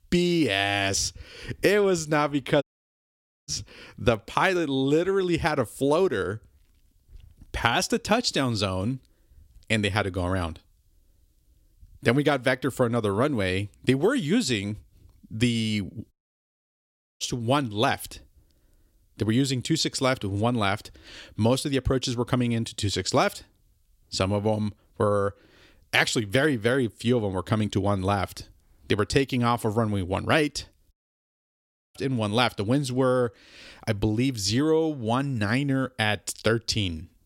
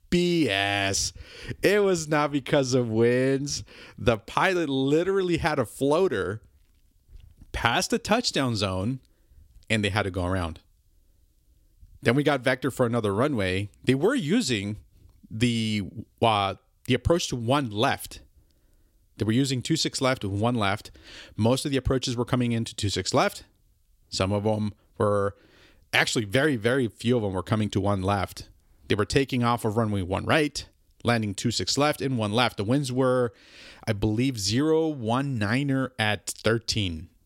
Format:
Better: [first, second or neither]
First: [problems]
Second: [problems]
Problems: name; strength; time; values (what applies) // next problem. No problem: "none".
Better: second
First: audio cutting out; at 2.5 s for 1 s, at 16 s for 1 s and at 31 s for 1 s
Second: none